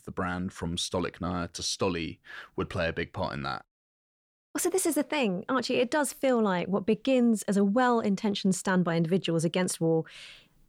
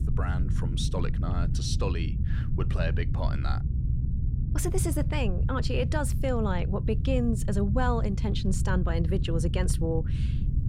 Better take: first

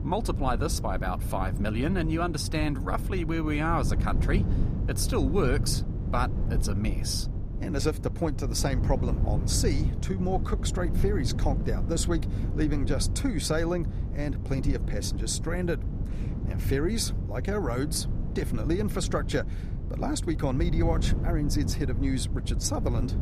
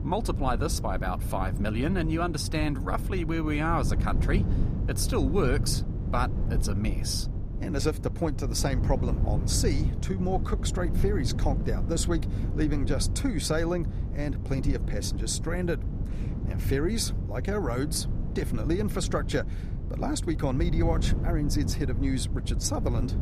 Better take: neither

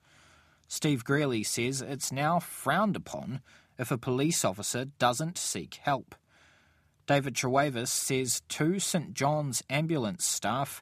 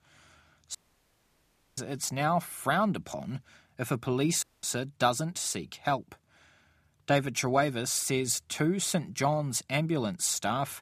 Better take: first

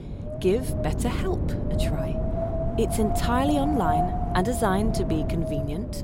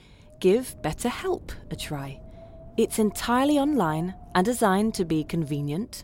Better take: second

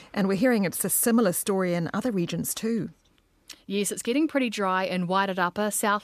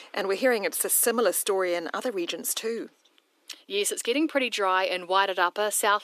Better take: first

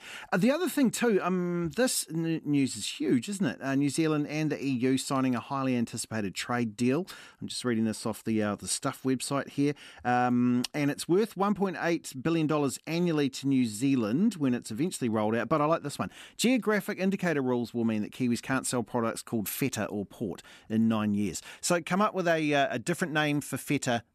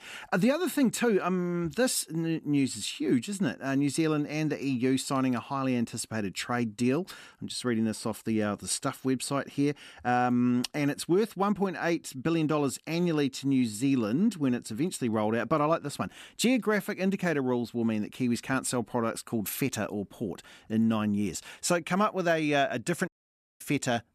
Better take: first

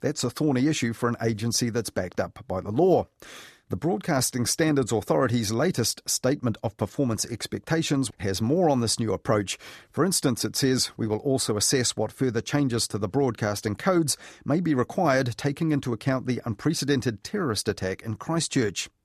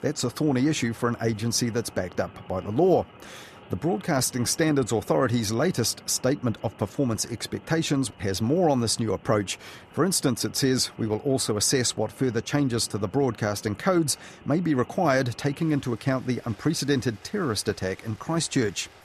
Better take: first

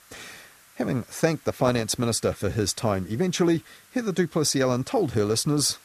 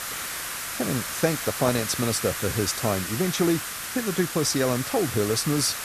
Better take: first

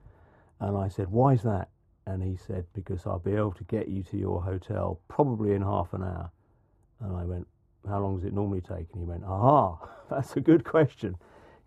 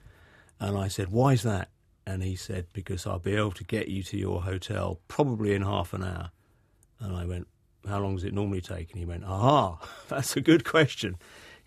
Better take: second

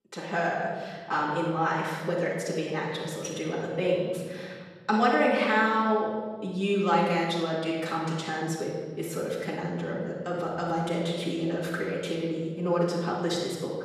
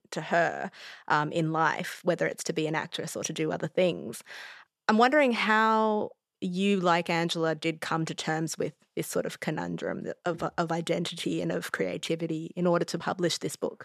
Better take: second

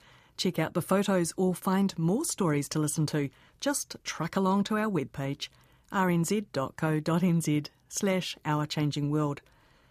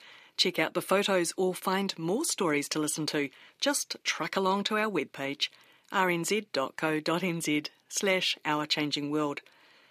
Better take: first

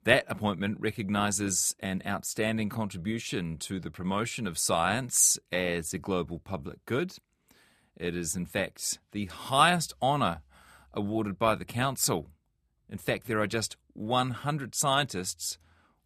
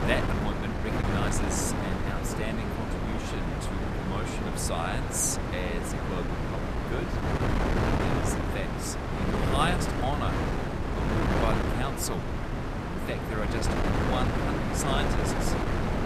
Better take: first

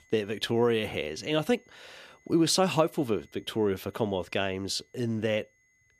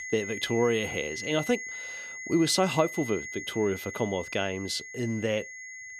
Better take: first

